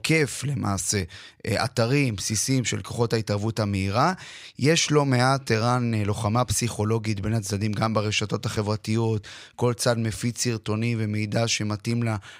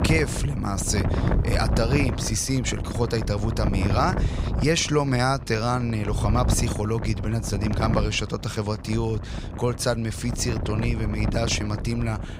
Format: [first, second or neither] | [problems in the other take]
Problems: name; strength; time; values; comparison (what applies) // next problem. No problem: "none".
first | wind noise on the microphone; heavy; 8 dB below the speech